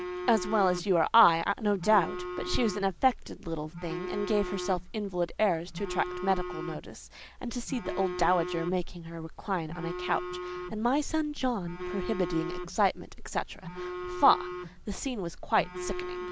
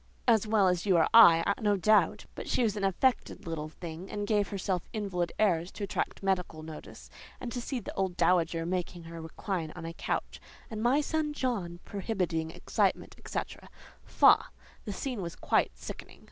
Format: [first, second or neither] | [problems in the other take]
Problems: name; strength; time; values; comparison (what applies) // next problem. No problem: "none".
second | background sound (Telephone); 9 dB below the speech